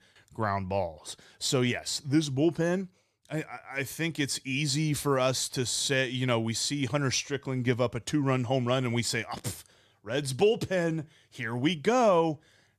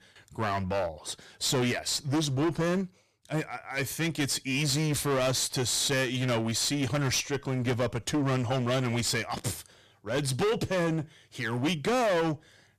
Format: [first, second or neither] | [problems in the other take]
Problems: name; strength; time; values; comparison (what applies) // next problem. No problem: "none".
first | distortion; heavy; 18% of the sound clipped